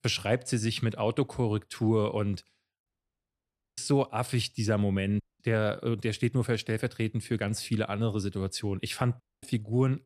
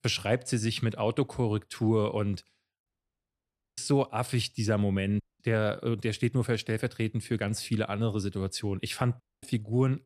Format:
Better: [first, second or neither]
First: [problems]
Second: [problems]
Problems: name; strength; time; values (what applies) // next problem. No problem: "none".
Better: neither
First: audio cutting out; at 3 s for 1 s, at 5 s and at 9 s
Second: audio cutting out; at 3 s for 1 s, at 5 s and at 9 s